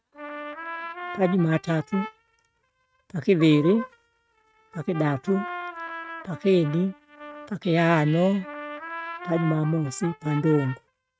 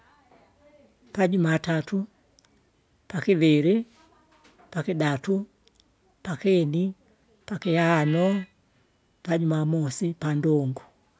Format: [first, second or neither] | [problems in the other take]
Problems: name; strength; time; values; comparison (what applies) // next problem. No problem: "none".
second | noise reduction (neural mask model RNNoise)